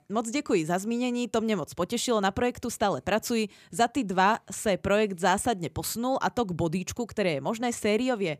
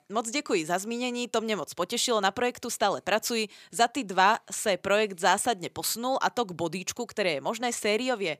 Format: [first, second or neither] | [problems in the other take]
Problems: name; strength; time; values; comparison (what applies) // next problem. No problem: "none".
first | thin; very slightly; fading below 500 Hz